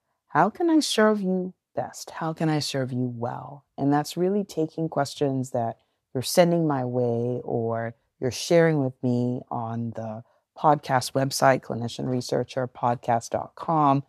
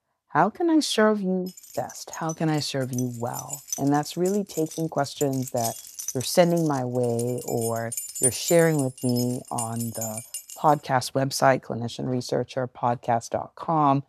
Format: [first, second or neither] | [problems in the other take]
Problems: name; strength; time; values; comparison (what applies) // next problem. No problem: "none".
first | jangling keys; loud; from 2 to 11 s; peak 2 dB above the speech